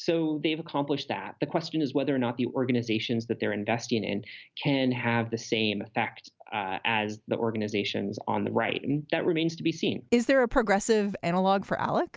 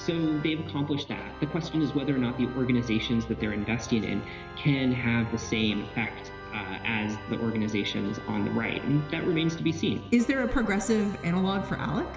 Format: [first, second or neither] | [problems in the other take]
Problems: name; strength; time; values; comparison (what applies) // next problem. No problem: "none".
first | background sound (Organ); 12 dB below the speech // room echo; dies away in 1.4 s